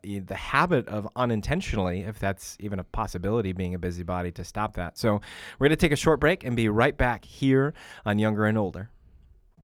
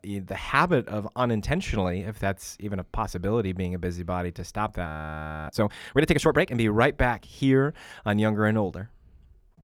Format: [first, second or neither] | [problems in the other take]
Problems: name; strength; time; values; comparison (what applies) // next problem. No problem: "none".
first | audio freezing; at 5 s for 0.5 s